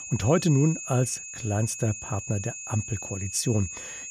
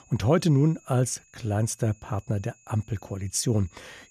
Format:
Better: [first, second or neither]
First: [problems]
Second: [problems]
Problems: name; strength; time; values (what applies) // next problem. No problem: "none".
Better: second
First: high-pitched whine; loud; throughout; 6.5 kHz, 8 dB below the speech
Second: high-pitched whine; faint; throughout; 6.5 kHz, 30 dB below the speech